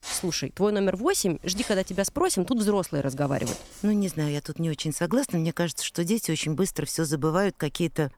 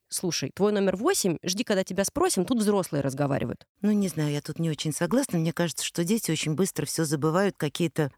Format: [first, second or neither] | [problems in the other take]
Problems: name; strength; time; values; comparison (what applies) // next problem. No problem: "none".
second | household noises; noticeable; throughout; 15 dB below the speech